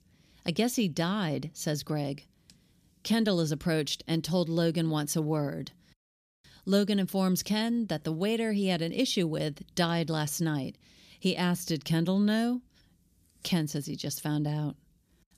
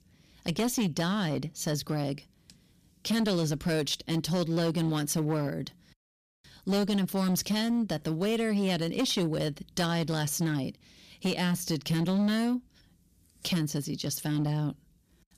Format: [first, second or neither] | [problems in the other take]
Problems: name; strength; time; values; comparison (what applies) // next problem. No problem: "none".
first | distortion; slight; 10% of the sound clipped